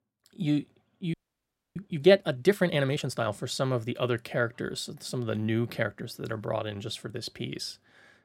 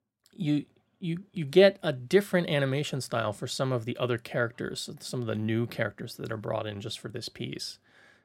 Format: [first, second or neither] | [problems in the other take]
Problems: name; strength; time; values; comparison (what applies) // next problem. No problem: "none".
second | audio freezing; at 1 s for 0.5 s